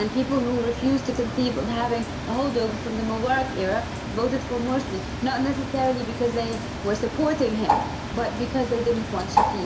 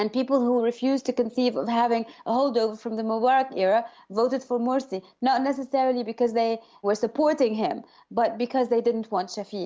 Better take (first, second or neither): second